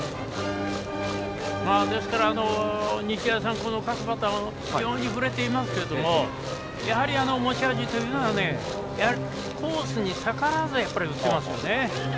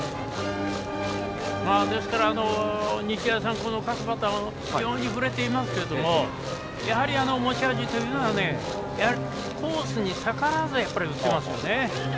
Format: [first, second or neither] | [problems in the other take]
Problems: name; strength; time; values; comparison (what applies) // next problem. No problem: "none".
first | background sound (Wind instrument, woodwind instrument); 17 dB below the speech